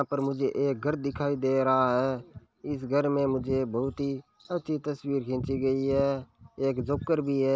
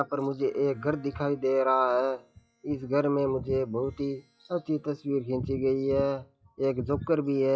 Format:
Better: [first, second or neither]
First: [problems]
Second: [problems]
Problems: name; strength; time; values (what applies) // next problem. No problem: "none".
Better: first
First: none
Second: noise reduction (classical method WPE with log-MMSE)